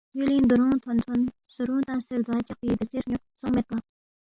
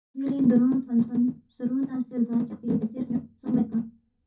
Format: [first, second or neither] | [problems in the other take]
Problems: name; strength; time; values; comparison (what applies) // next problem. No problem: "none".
first | room echo; dies away in 0.3 s